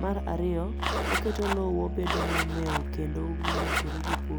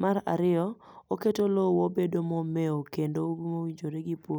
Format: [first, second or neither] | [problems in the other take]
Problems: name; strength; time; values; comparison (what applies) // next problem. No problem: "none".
second | background sound (Musical instrument + Zipper (clothing)); 2 dB above the speech